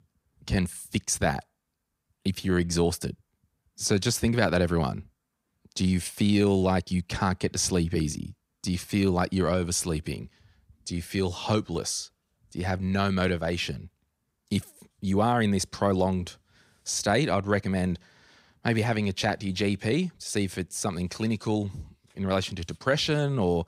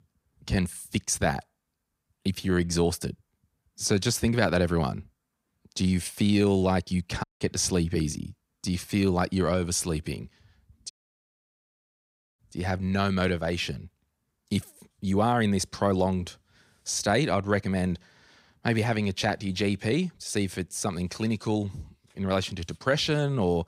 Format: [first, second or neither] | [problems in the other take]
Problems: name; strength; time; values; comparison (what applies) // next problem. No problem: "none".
first | audio cutting out; at 7 s and at 11 s for 1.5 s